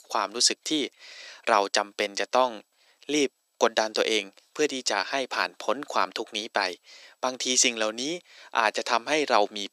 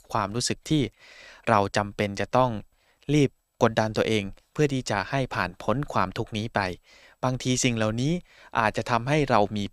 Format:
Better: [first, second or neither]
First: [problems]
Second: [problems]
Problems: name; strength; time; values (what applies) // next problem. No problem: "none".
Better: second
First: thin; somewhat; fading below 300 Hz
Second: none